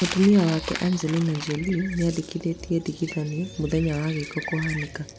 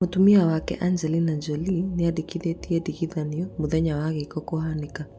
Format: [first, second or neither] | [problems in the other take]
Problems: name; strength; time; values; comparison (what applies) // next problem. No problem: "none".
second | background sound (Coin (dropping) + Bird); 13 dB below the speech